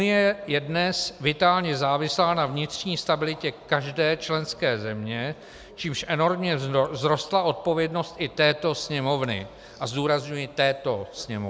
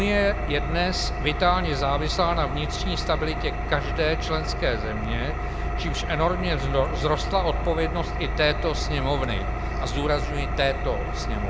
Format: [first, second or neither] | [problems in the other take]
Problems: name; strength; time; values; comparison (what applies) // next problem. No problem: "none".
first | background sound (Engine); 1 dB below the speech